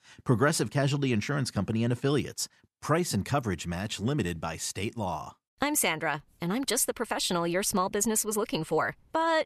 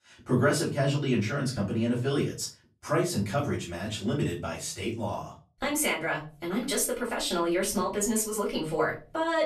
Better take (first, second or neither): first